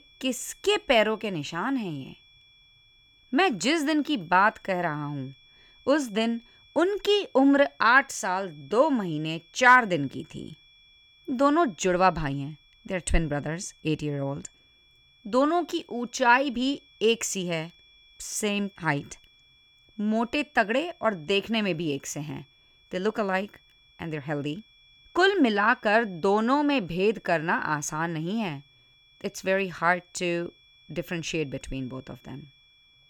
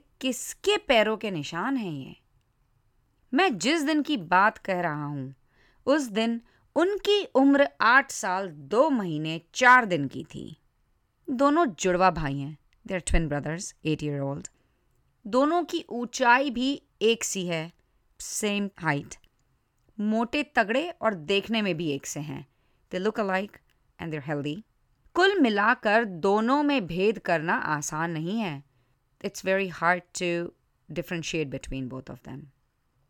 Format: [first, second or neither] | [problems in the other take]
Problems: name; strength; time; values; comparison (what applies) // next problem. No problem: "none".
second | high-pitched whine; faint; throughout; 3.5 kHz, 30 dB below the speech